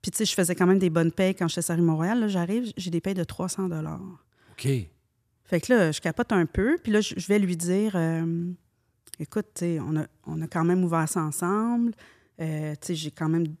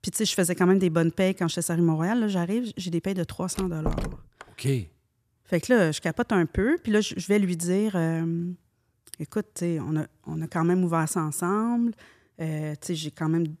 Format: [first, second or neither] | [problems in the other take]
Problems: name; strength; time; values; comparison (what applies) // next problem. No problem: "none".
first | door banging; noticeable; at 3.5 s; peak 6 dB below the speech